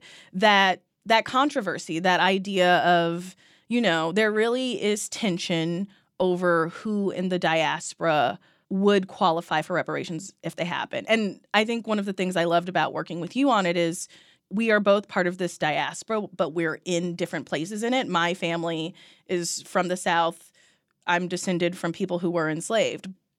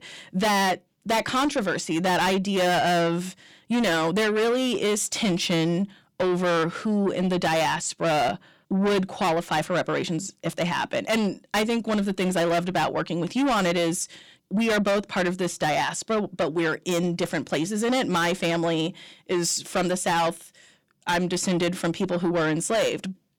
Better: first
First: none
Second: distortion; heavy; 6 dB below the speech

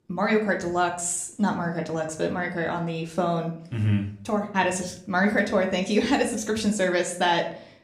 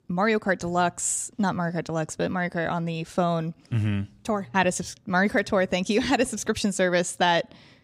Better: second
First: room echo; slight; dies away in 0.4 s // off-mic speech; somewhat distant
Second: none

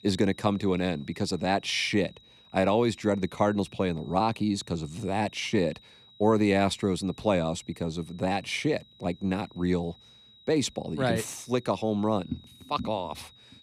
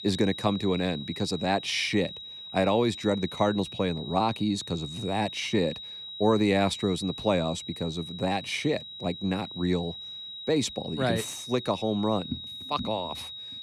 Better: first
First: high-pitched whine; faint; throughout; 4 kHz, 25 dB below the speech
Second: high-pitched whine; loud; throughout; 4 kHz, 10 dB below the speech

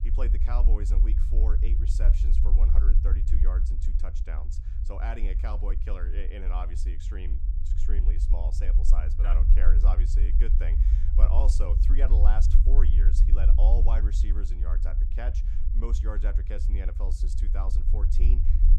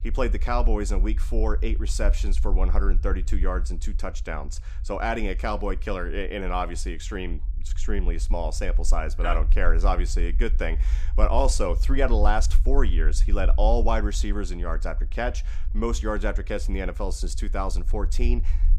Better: second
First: low rumble; loud; throughout; 5 dB below the speech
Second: low rumble; faint; throughout; 20 dB below the speech

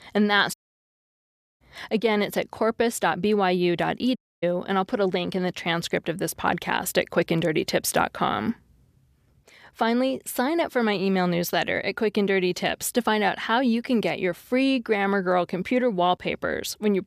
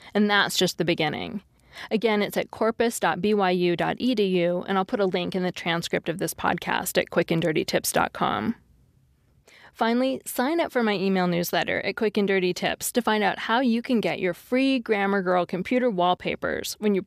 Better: second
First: audio cutting out; at 0.5 s for 1 s and at 4 s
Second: none

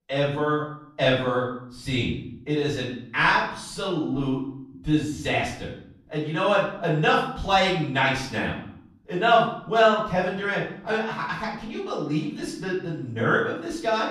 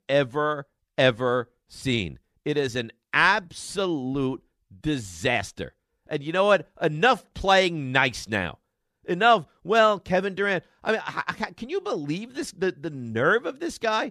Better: second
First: off-mic speech; far // room echo; noticeable; dies away in 0.6 s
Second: none

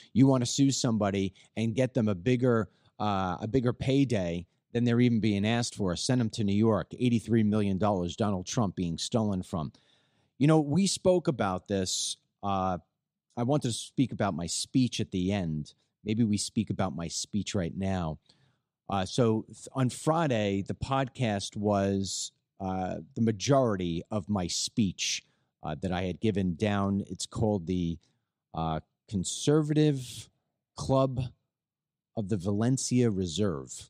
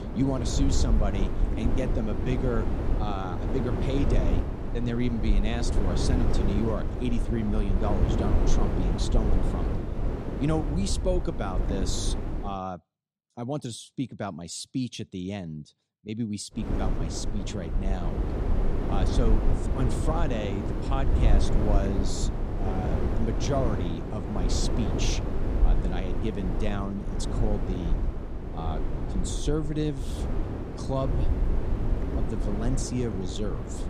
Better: first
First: none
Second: wind noise on the microphone; heavy; until 13 s and from 17 s on; 2 dB below the speech

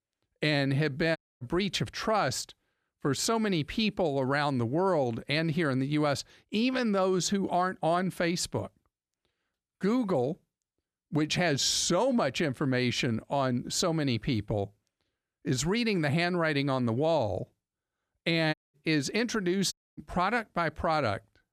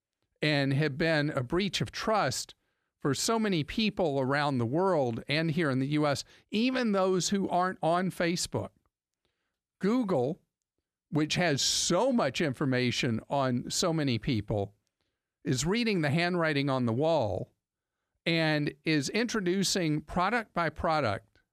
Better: second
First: audio cutting out; at 1 s, at 19 s and at 20 s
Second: none

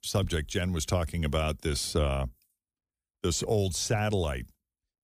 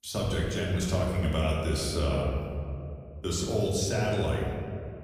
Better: first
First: none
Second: off-mic speech; far // room echo; noticeable; dies away in 2.2 s

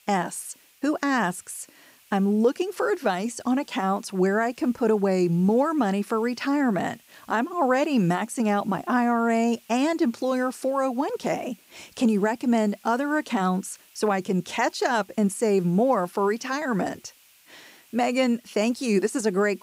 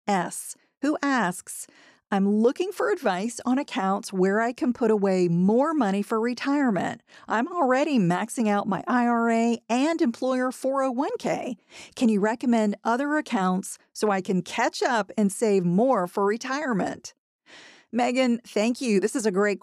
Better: second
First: hiss; faint; throughout; 30 dB below the speech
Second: none

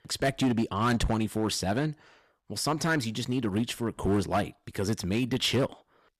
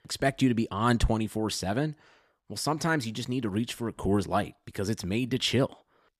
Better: second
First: distortion; slight; 6% of the sound clipped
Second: none

